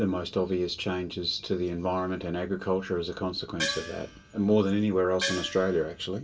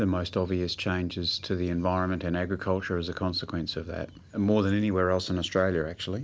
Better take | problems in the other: second | background sound (Gong); 7 dB below the speech // room echo; dies away in 0.2 s

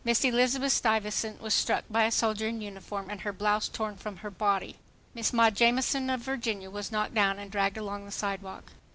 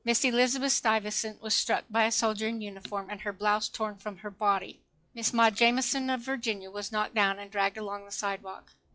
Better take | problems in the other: first | noise reduction (classical method log-MMSE)

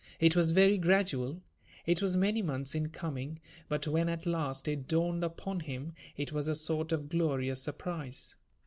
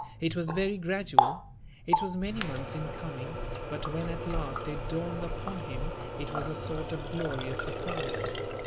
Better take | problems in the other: first | background sound (Water tap, faucet); 3 dB above the speech

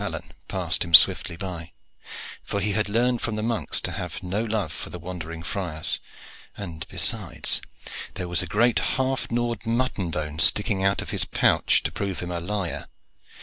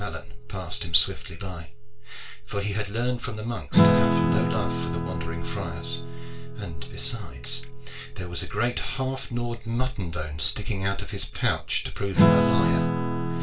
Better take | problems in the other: first | background sound (Acoustic guitar / Strum); 1 dB below the speech // room echo; dies away in 0.2 s

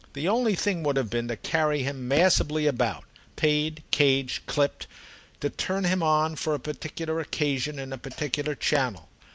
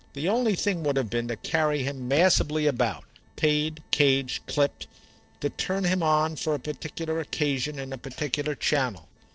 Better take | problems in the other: first | noise reduction (neural separator model SepFormer DNS4)

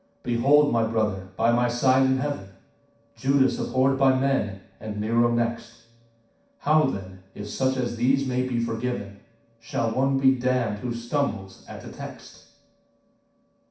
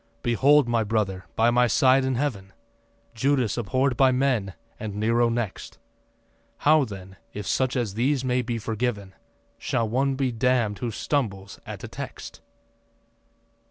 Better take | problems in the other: second | room echo; dies away in 0.6 s

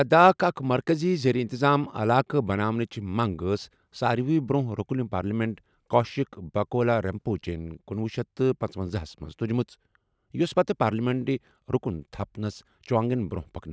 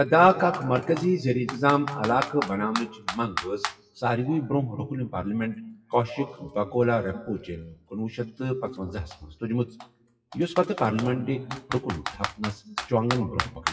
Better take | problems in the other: first | noise reduction (classical method WPE with log-MMSE)

